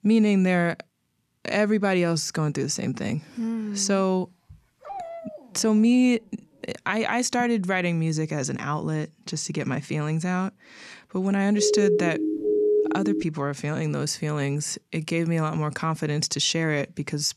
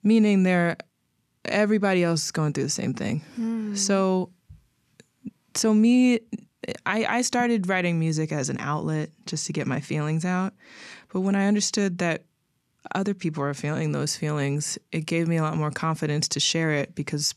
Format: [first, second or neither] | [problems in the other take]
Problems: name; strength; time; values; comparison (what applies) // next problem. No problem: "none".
second | dog barking; faint; from 5 to 6 s; peak 10 dB below the speech // siren; loud; from 12 to 13 s; peak 4 dB above the speech